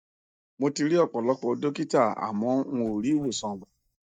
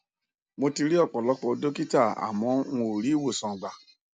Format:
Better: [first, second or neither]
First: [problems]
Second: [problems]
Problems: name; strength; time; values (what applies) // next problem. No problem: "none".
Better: second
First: noise reduction (neural mask model DeepFilterNet 3)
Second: none